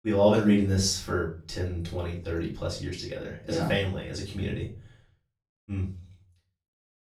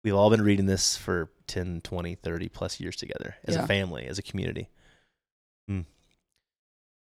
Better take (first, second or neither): second